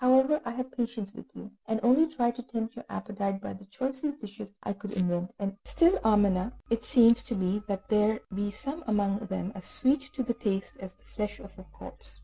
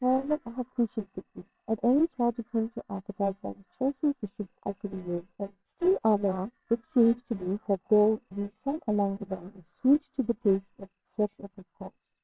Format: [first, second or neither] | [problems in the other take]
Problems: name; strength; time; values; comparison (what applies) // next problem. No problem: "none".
first | noise reduction (neural separator model SepFormer WHAMR!)